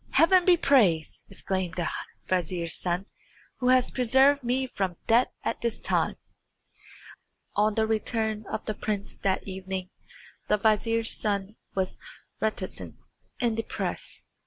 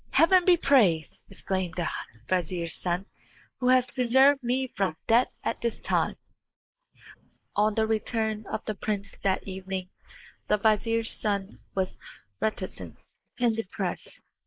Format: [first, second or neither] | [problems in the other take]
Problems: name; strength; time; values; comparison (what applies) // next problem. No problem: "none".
first | noise reduction (neural mask model Resemble Enhance denoiser)